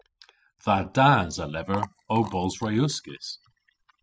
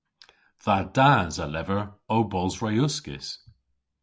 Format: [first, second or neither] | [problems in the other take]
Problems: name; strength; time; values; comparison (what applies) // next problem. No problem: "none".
second | noise reduction (classical method spectral subtraction)